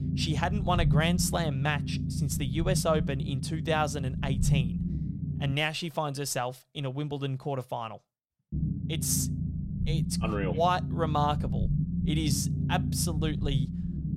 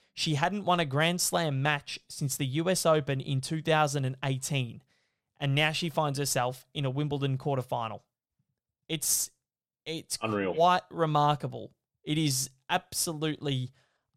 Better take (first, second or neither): second